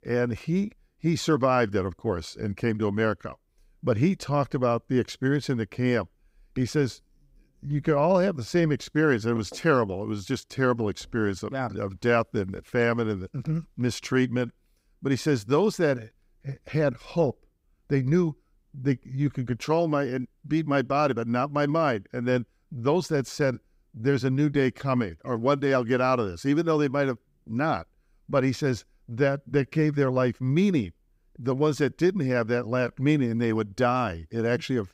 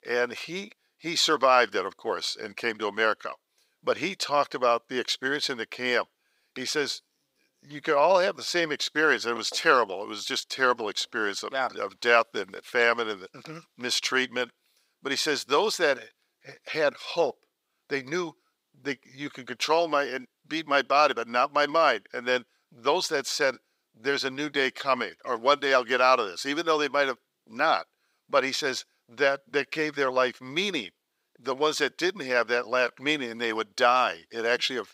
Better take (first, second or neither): first